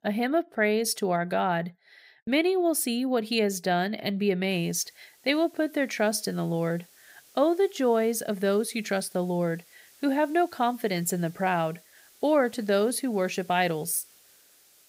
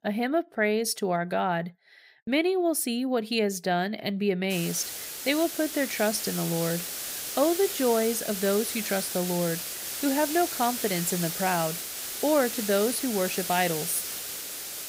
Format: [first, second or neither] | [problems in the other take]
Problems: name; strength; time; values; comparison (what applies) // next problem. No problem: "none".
first | hiss; loud; from 4.5 s on; 4 dB below the speech; faint in the first